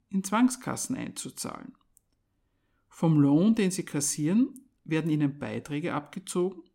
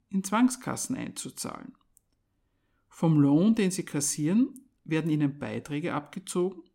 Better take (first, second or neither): neither